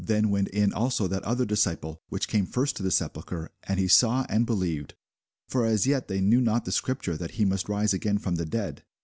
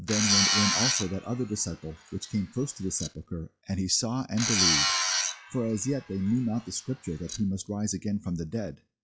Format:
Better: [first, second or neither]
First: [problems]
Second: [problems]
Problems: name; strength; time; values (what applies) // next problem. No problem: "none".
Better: first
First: none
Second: noise reduction (classical method log-MMSE)